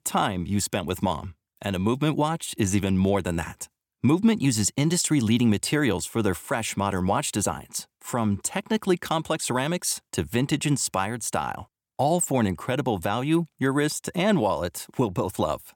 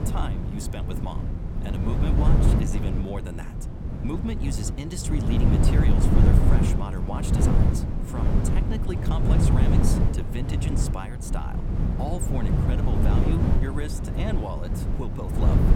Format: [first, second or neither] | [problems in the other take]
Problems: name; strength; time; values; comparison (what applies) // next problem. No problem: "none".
first | wind noise on the microphone; heavy; 2 dB above the speech